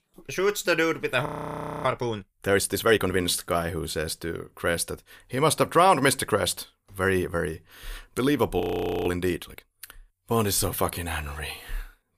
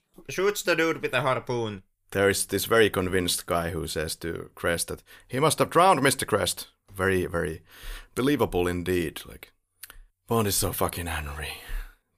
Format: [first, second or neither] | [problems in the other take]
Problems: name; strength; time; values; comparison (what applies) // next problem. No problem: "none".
second | audio freezing; at 1.5 s for 0.5 s and at 8.5 s